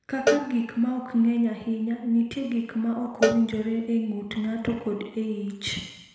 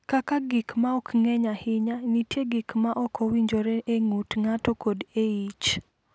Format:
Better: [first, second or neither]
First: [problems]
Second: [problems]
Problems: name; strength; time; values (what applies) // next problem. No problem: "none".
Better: second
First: background sound (Cowbell); 6 dB below the speech // room echo; dies away in 1 s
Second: none